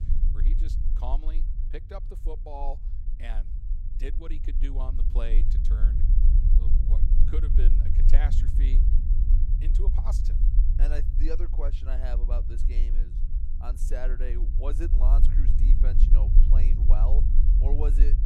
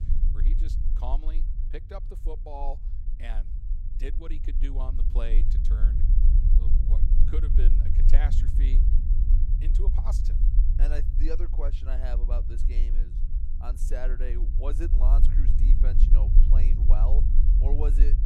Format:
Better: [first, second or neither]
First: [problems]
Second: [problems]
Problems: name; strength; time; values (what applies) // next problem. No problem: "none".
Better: neither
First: low rumble; loud; throughout; 5 dB below the speech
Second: low rumble; loud; throughout; 5 dB below the speech